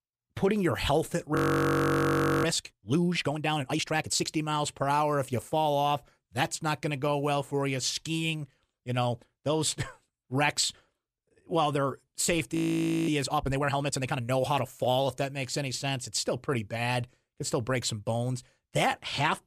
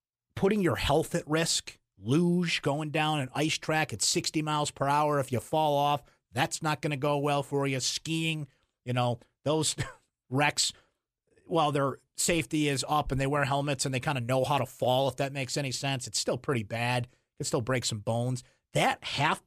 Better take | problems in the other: second | audio freezing; at 1.5 s for 1 s and at 13 s for 0.5 s

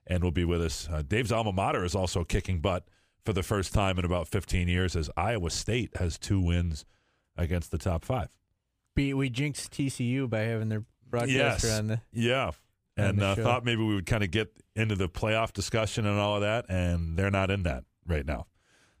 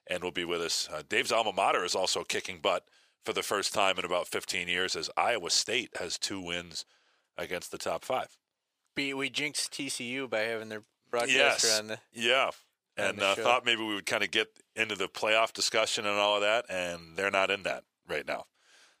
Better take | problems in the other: first | thin; very; fading below 500 Hz

